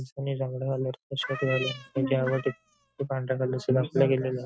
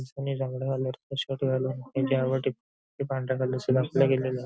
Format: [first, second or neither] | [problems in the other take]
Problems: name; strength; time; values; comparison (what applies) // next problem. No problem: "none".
second | noise reduction (neural mask model RNNoise)